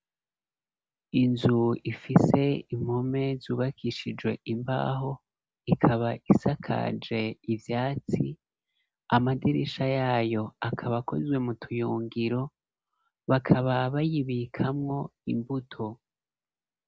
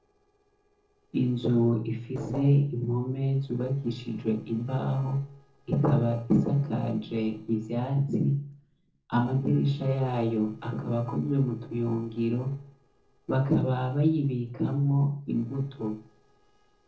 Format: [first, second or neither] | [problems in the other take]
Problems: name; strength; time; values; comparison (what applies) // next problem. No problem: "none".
first | noise reduction (neural separator model SepFormer DNS4)